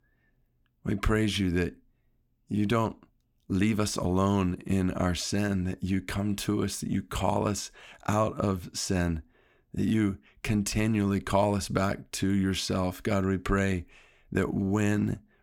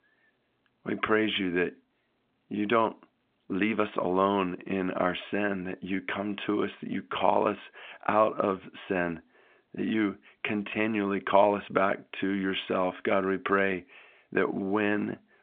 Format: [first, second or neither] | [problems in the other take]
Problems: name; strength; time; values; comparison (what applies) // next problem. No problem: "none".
first | phone-call audio; nothing above 3.5 kHz